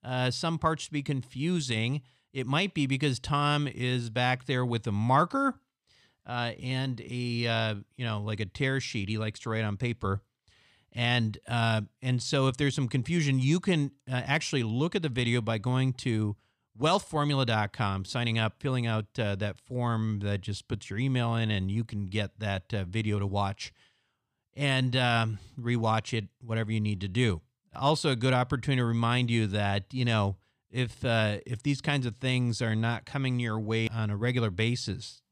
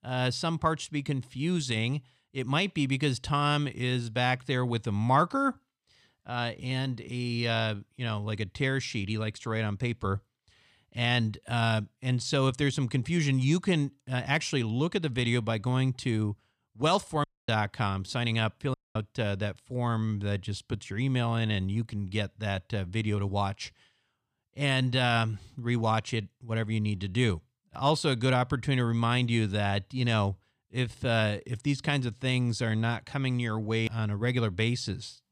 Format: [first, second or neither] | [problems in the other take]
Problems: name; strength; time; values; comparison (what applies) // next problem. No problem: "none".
first | audio cutting out; at 17 s and at 19 s